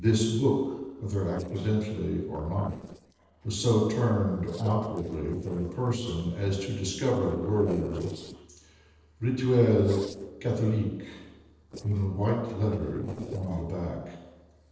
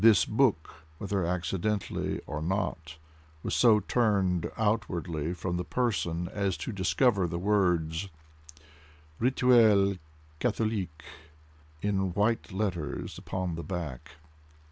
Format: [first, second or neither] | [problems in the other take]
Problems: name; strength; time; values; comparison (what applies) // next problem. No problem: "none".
second | noise reduction (neural separator model SepFormer DNS4)